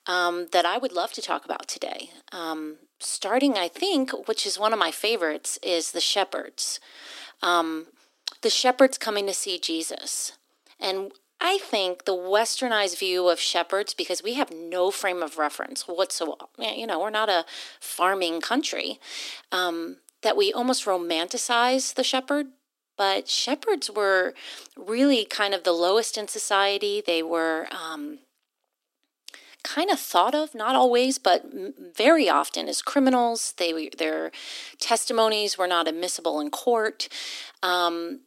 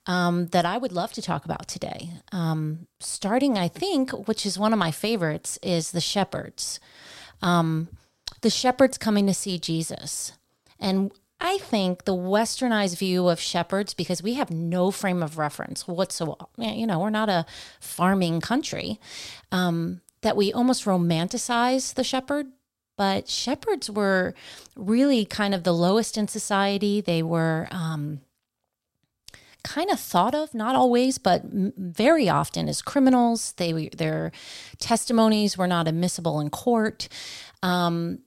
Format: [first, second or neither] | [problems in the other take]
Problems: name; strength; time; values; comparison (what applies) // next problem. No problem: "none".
second | thin; somewhat; fading below 300 Hz